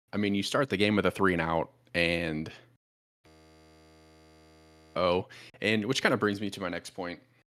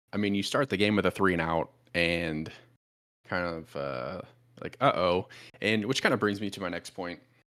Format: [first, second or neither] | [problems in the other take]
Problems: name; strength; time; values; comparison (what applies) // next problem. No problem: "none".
second | audio freezing; at 3.5 s for 1.5 s